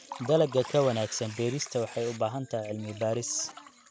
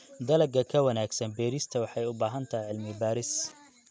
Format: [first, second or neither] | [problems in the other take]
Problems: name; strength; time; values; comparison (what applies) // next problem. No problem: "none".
second | background sound (Tearing + Liquid); 17 dB below the speech